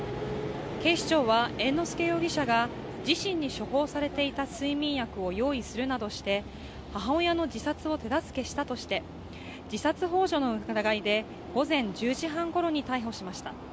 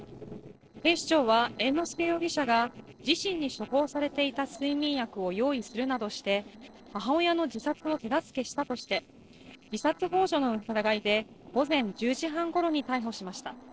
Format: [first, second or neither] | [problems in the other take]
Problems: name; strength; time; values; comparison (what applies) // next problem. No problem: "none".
first | noise reduction (neural separator model SepFormer DNS4)